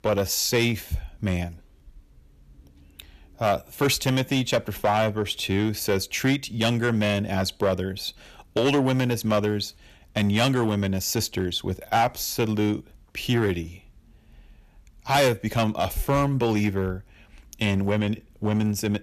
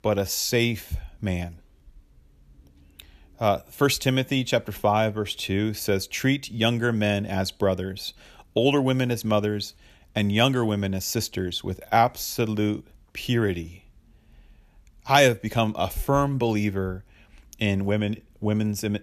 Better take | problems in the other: second | distortion; slight; 5% of the sound clipped

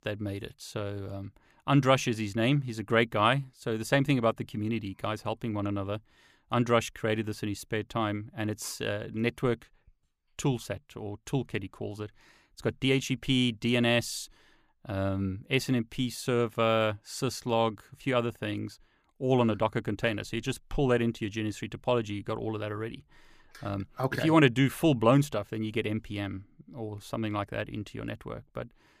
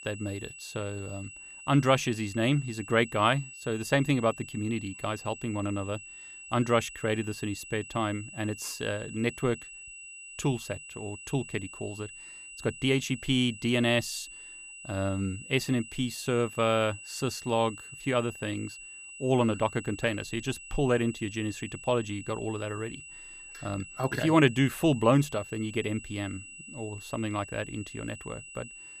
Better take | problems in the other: first | high-pitched whine; noticeable; throughout; 2.5 kHz, 15 dB below the speech

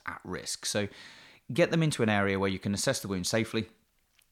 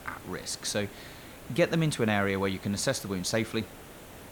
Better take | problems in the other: first | hiss; noticeable; throughout; 15 dB below the speech

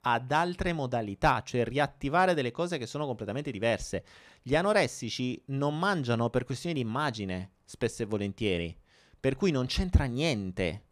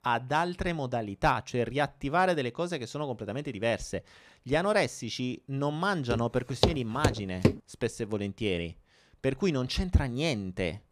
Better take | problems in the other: first | footsteps; loud; from 6 to 7.5 s; peak 2 dB above the speech

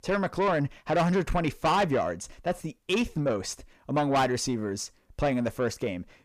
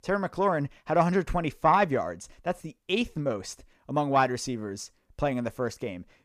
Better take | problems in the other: second | distortion; heavy; 8 dB below the speech

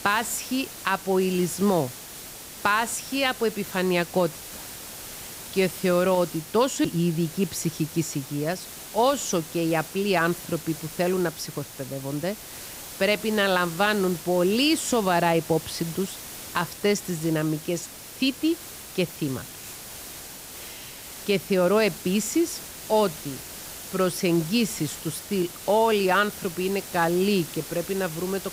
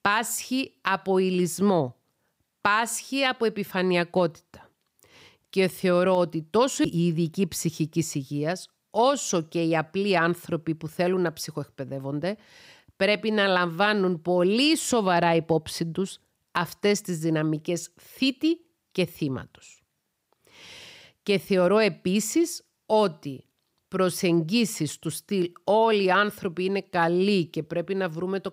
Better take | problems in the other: second | hiss; noticeable; throughout; 10 dB below the speech

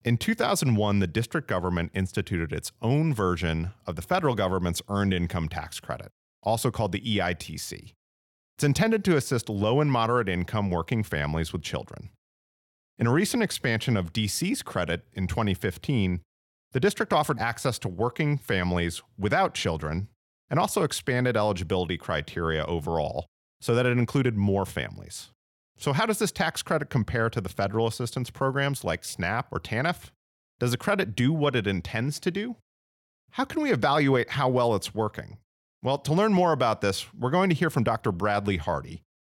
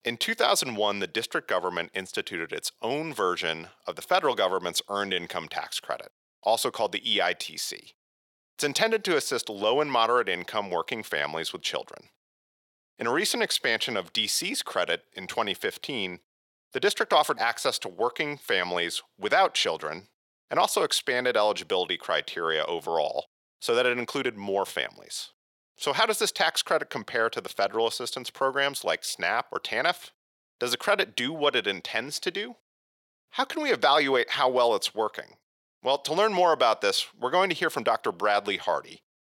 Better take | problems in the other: first | thin; very; fading below 500 Hz

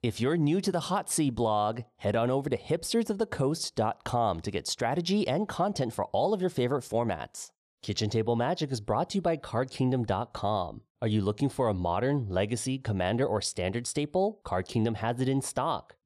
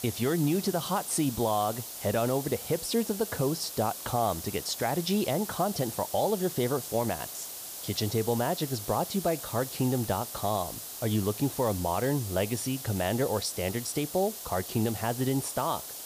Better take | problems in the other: first | hiss; loud; throughout; 8 dB below the speech

